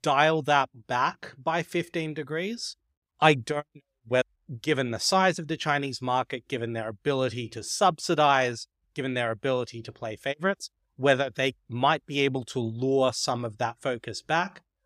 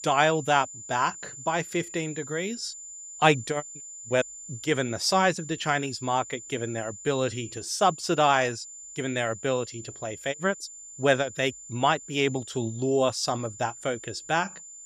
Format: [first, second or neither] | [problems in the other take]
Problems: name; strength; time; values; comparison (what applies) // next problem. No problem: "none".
first | high-pitched whine; noticeable; throughout; 7 kHz, 15 dB below the speech